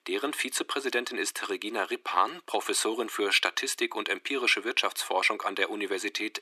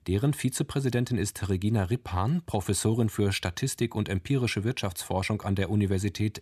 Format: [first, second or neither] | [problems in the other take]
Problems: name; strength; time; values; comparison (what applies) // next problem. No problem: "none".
second | thin; very; fading below 300 Hz